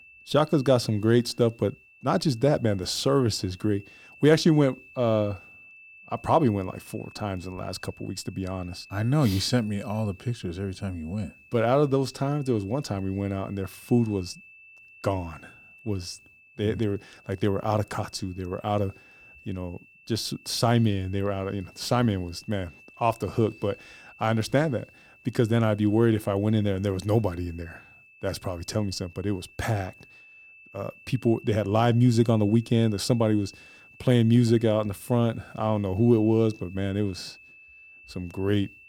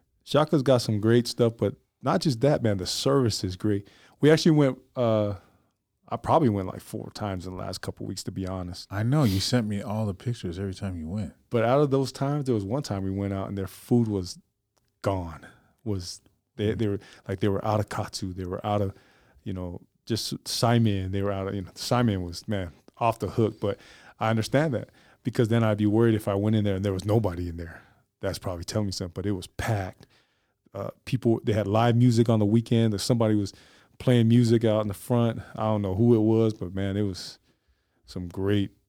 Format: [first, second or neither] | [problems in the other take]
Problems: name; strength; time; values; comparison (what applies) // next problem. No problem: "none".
second | high-pitched whine; faint; throughout; 2.5 kHz, 25 dB below the speech